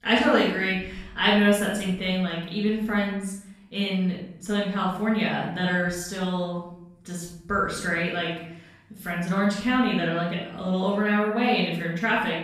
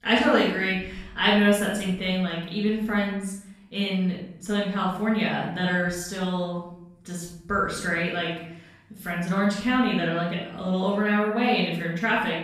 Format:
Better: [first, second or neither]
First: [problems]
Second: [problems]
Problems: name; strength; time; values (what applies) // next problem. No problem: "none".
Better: neither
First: room echo; noticeable; dies away in 0.7 s // off-mic speech; far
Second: room echo; noticeable; dies away in 0.7 s // off-mic speech; far